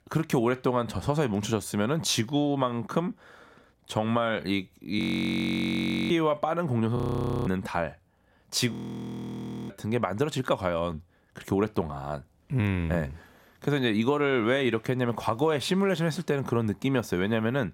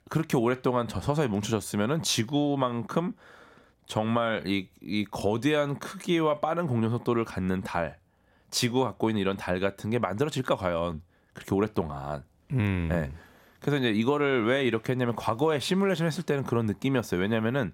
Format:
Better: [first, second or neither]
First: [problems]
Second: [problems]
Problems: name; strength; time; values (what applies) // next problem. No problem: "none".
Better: second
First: audio freezing; at 5 s for 1 s, at 7 s and at 8.5 s for 1 s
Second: none